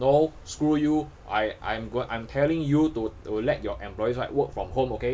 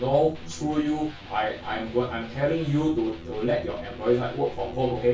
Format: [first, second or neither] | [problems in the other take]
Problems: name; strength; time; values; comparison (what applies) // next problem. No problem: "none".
first | background sound (Electric guitar); 16 dB below the speech // room echo; dies away in 0.2 s